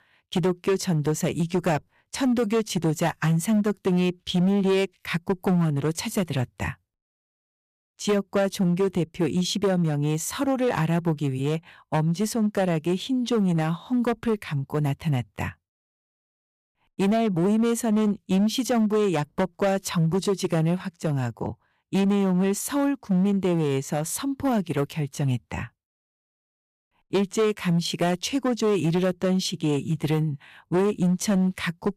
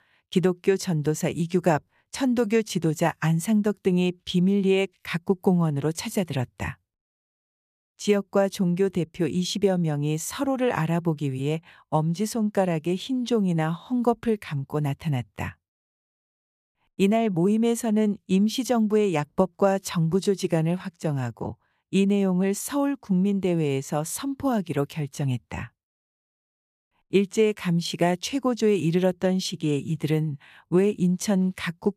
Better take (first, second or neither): second